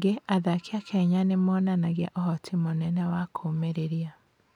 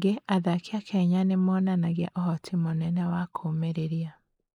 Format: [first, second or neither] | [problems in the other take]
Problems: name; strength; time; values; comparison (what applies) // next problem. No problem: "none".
first | noise reduction (neural mask model Resemble Enhance denoiser)